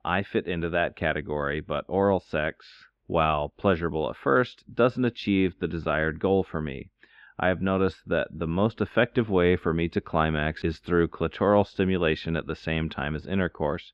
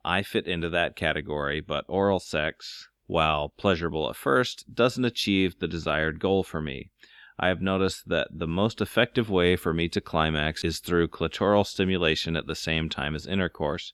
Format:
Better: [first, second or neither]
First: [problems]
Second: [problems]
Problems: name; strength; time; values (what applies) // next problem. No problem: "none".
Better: second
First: muffled; slightly; fading above 2 kHz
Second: none